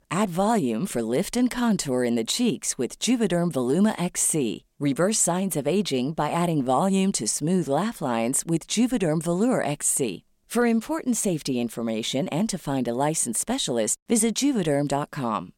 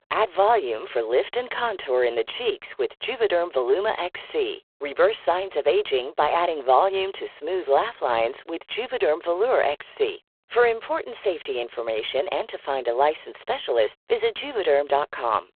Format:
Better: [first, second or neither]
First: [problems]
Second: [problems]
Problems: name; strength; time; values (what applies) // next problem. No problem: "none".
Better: first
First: none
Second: phone-call audio; poor line